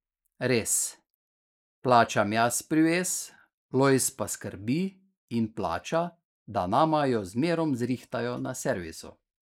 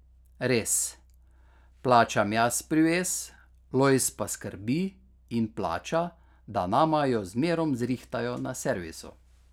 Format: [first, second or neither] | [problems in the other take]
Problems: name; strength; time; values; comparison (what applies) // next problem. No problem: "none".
second | noise reduction (neural mask model Resemble Enhance denoiser)